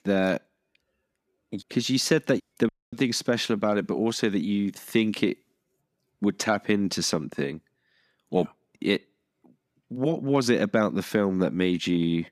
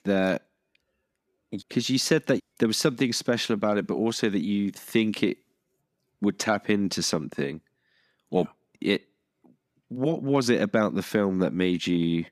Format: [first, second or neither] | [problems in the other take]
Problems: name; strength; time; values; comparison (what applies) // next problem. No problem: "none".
second | audio cutting out; at 2.5 s